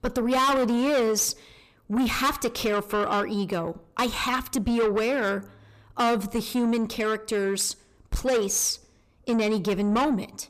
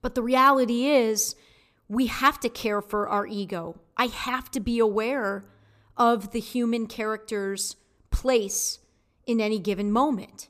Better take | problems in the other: second | distortion; heavy; 7 dB below the speech

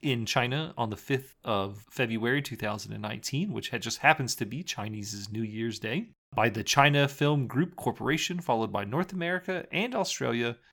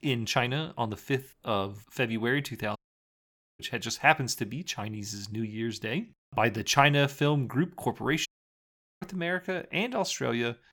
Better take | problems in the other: first | audio cutting out; at 3 s for 1 s and at 8.5 s for 1 s

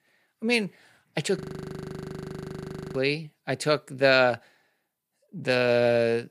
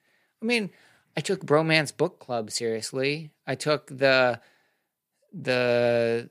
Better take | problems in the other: second | audio freezing; at 1.5 s for 1.5 s

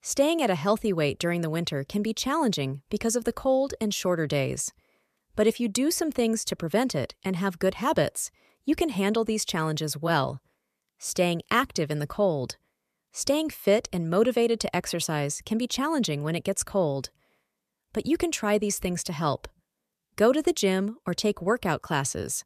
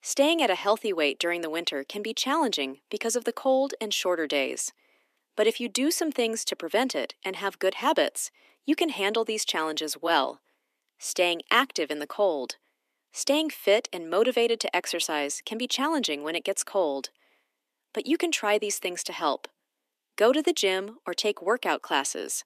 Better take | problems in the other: first | thin; very slightly; fading below 250 Hz

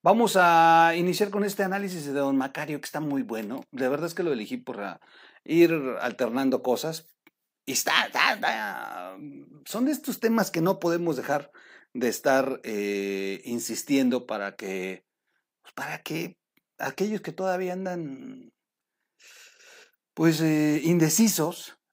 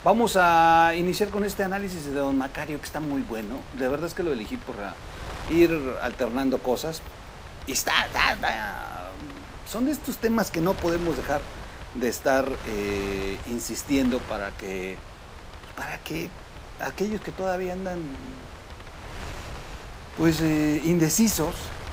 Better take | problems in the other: first | wind noise on the microphone; occasional gusts; 15 dB below the speech

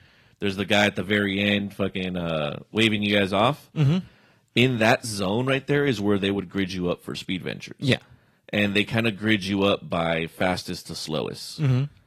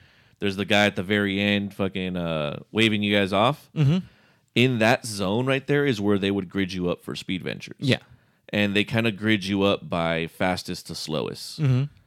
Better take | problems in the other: second | garbled, watery; slightly

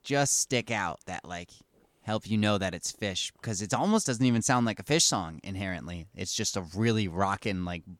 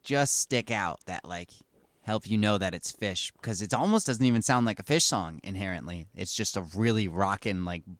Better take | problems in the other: first | garbled, watery; slightly; nothing above 18.5 kHz

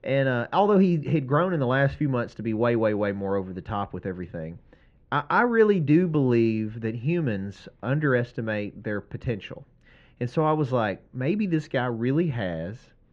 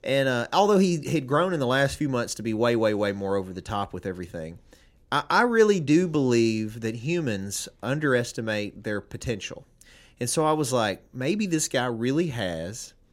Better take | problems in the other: second | muffled; very; fading above 2.5 kHz

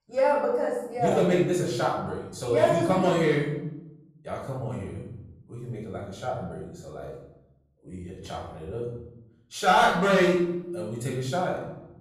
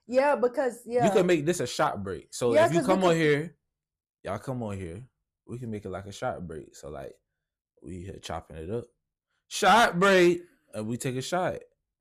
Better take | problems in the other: second | off-mic speech; far // room echo; noticeable; dies away in 0.9 s

